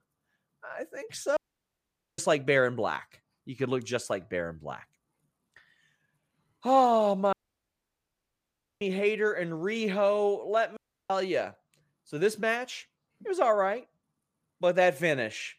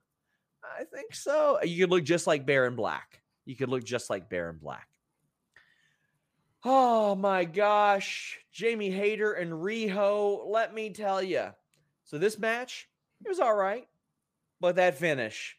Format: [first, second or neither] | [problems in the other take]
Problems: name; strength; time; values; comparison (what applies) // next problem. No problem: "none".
second | audio cutting out; at 1.5 s for 1 s, at 7.5 s for 1.5 s and at 11 s